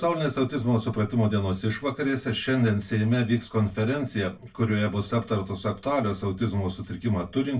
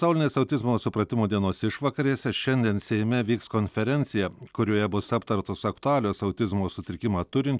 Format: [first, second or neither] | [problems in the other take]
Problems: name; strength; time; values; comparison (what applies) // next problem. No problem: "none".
second | room echo; dies away in 0.2 s